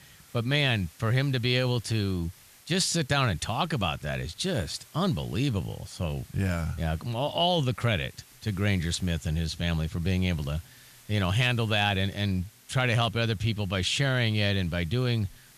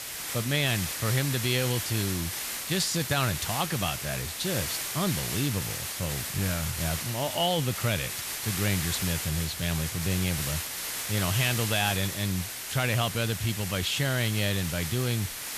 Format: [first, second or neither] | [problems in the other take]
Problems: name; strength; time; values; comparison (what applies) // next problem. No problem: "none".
first | hiss; loud; throughout; 3 dB below the speech; faint in the first